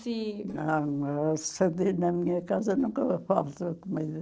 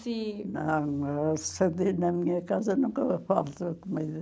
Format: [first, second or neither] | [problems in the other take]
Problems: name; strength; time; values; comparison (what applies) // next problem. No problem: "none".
second | noise reduction (neural separator model SepFormer DNS4)